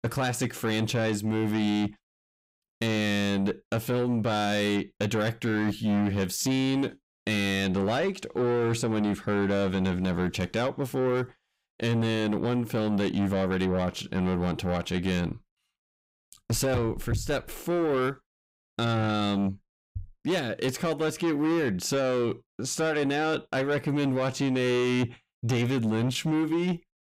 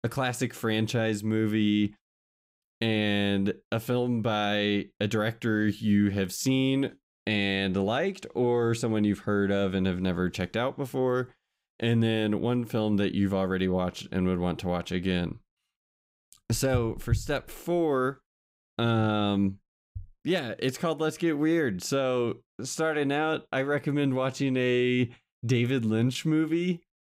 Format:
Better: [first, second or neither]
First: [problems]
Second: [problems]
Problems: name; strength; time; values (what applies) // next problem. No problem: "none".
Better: second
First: distortion; slight; 10 dB below the speech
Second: none